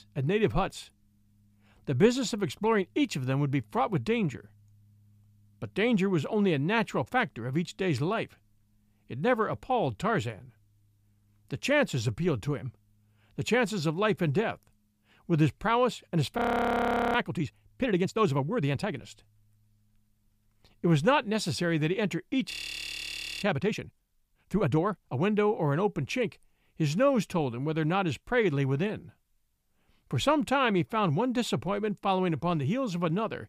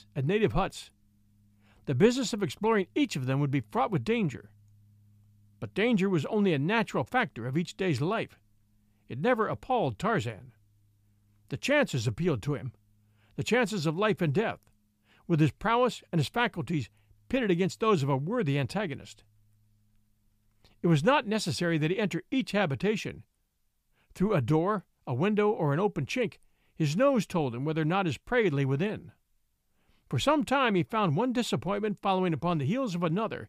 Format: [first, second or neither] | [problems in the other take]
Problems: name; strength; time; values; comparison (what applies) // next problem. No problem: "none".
second | audio freezing; at 16 s for 1 s and at 23 s for 1 s